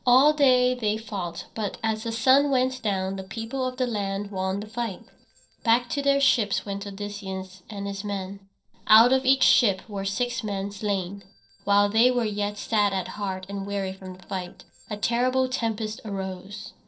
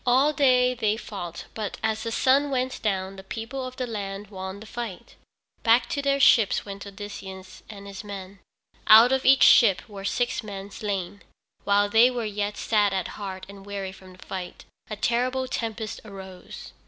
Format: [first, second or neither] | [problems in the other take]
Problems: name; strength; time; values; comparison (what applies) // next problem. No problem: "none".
second | noise reduction (neural separator model SepFormer DNS4)